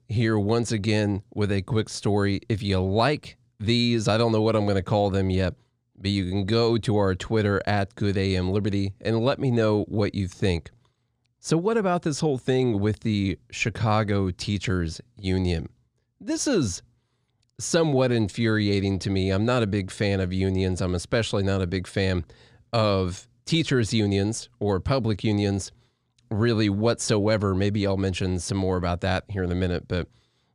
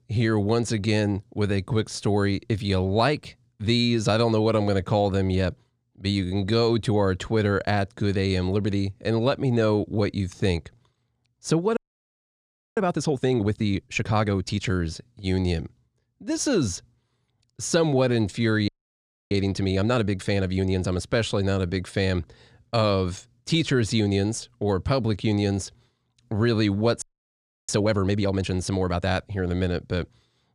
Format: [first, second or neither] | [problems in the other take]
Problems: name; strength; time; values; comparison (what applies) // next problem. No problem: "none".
first | audio freezing; at 12 s for 1 s, at 19 s for 0.5 s and at 27 s for 0.5 s